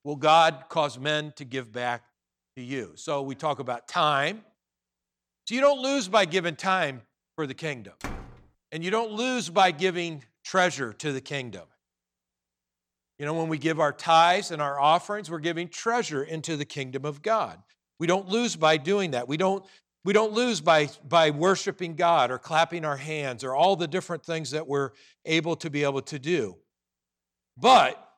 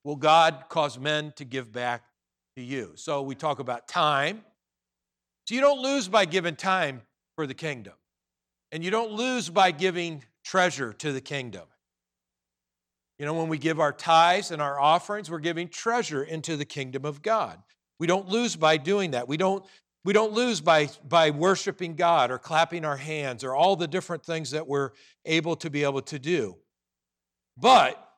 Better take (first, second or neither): second